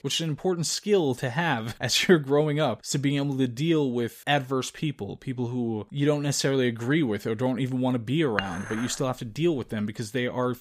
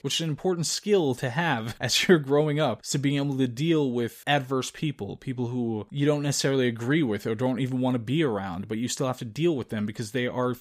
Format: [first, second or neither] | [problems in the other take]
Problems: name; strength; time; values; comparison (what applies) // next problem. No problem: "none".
second | clattering dishes; noticeable; at 8.5 s; peak 6 dB below the speech